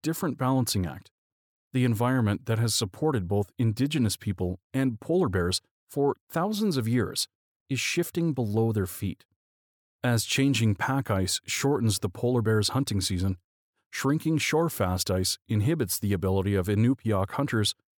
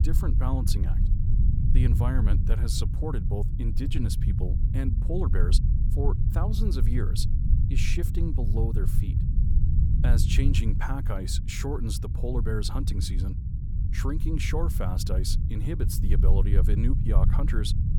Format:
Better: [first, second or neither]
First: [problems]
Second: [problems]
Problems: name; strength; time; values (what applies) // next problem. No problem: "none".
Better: first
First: none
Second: low rumble; loud; throughout; 6 dB below the speech